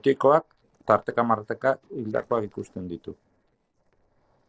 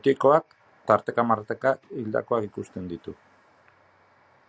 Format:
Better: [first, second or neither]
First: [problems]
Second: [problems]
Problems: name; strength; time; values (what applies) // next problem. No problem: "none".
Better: second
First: noise reduction (neural separator model SepFormer DNS4)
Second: none